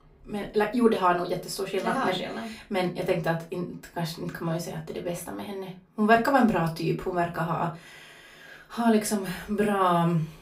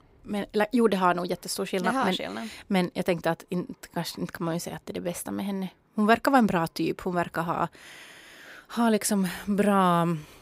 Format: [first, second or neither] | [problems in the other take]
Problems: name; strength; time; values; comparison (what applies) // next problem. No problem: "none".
second | off-mic speech; far // room echo; very slight; dies away in 0.2 s